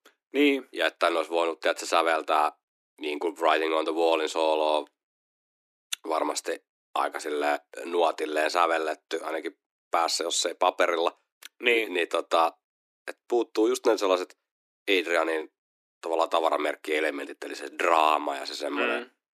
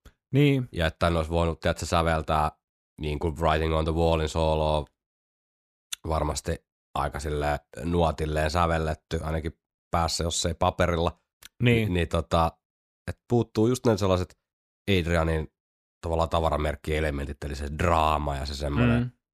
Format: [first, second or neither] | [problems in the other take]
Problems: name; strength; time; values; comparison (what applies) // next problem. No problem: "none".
second | thin; somewhat; fading below 300 Hz